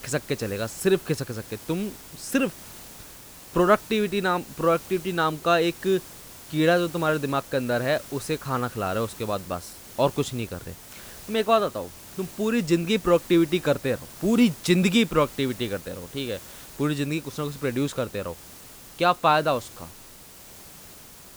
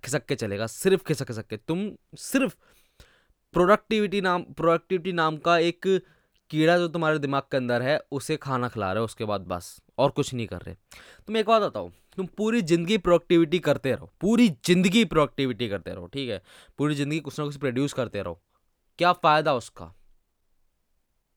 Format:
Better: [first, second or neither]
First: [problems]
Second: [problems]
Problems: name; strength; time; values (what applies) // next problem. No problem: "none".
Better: second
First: hiss; noticeable; throughout; 15 dB below the speech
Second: none